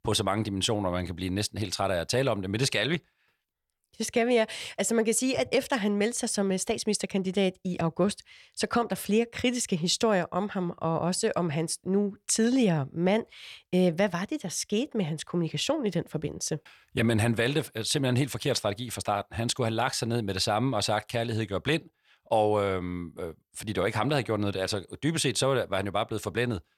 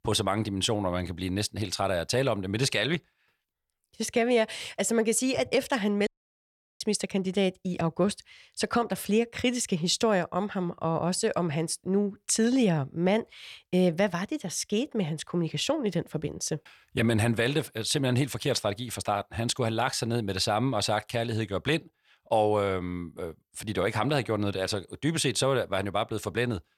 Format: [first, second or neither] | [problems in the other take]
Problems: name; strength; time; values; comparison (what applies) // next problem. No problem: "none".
first | audio cutting out; at 6 s for 0.5 s